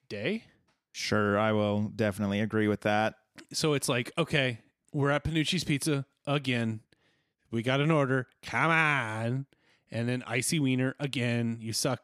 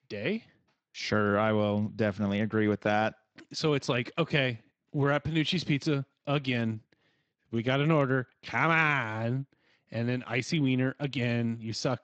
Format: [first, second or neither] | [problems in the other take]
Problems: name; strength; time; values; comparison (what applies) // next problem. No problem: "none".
first | garbled, watery; slightly; nothing above 7.5 kHz